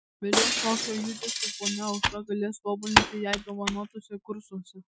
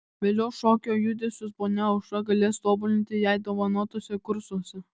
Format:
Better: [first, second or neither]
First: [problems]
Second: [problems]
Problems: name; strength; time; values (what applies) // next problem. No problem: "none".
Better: second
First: noise reduction (classical method Wiener filter)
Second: none